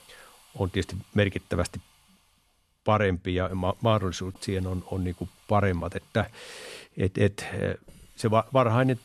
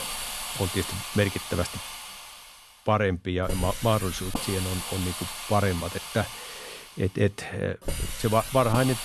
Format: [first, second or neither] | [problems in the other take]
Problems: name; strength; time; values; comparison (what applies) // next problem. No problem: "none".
first | hiss; loud; throughout; 6 dB below the speech; faint in the first